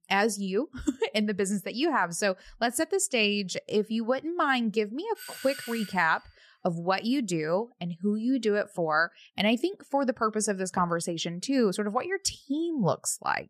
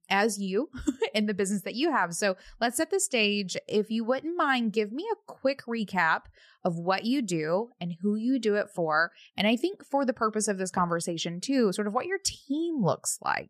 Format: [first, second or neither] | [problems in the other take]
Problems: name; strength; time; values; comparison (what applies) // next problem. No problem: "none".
second | doorbell; faint; from 5 to 6 s; peak 10 dB below the speech